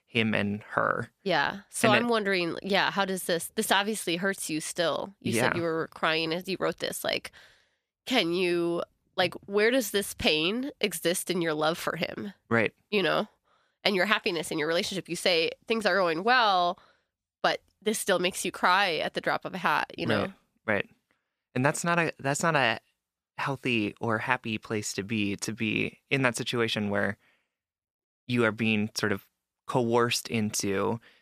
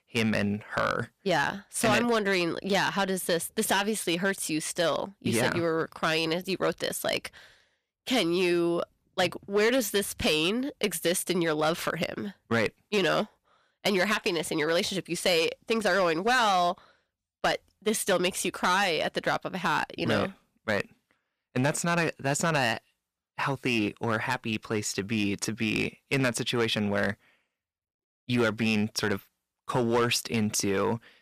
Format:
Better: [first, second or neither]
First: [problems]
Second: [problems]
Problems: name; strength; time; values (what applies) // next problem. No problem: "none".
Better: first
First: none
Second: distortion; slight; 4% of the sound clipped